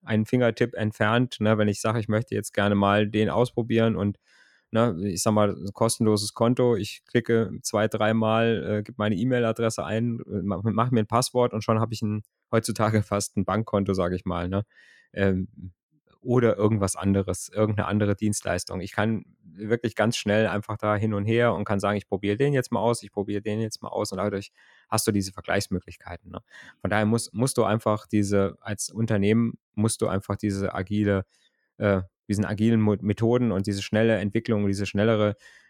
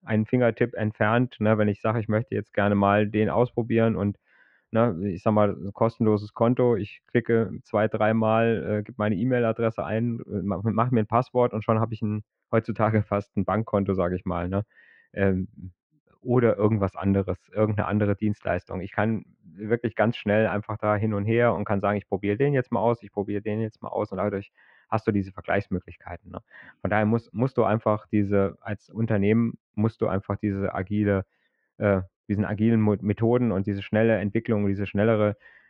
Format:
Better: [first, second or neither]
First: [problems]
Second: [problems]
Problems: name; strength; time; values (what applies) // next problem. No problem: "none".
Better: first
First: none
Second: muffled; very; fading above 2.5 kHz